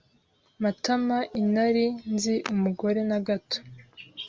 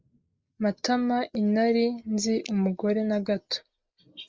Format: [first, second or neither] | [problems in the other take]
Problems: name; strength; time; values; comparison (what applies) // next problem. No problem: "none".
first | noise reduction (neural mask model Resemble Enhance denoiser)